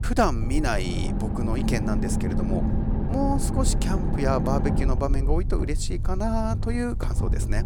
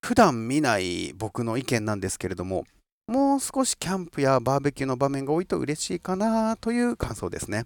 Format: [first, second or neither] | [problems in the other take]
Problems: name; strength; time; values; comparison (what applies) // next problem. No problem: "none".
second | low rumble; loud; throughout; 6 dB below the speech